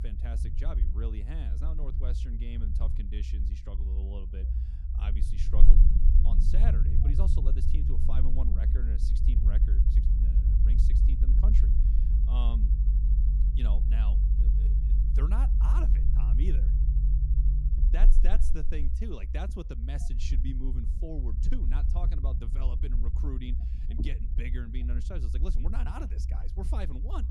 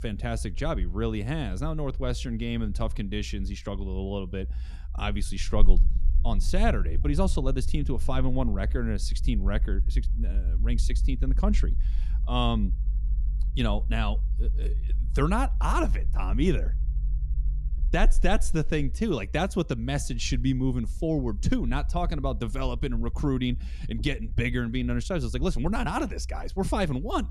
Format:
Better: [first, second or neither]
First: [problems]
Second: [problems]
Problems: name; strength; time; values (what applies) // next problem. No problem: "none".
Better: second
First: low rumble; loud; throughout; 3 dB below the speech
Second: low rumble; faint; throughout; 20 dB below the speech